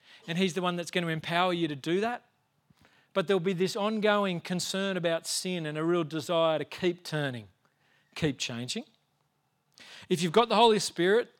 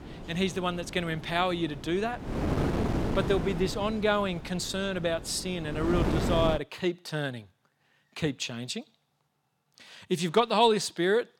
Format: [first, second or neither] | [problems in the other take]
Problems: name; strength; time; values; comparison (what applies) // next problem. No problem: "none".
first | wind noise on the microphone; heavy; until 6.5 s; 7 dB below the speech